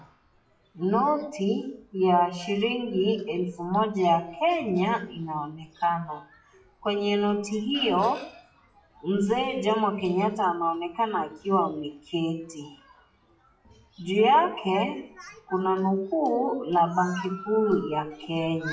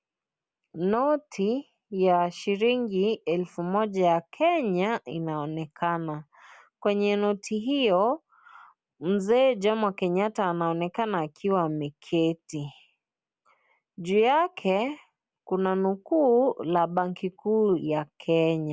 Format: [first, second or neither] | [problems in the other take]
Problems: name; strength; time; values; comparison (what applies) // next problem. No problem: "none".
second | noise reduction (classical method WPE with log-MMSE)